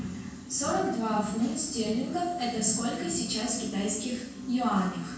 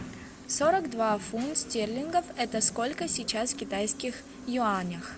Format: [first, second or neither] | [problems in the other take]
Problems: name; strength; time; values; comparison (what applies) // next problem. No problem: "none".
second | room echo; dies away in 0.6 s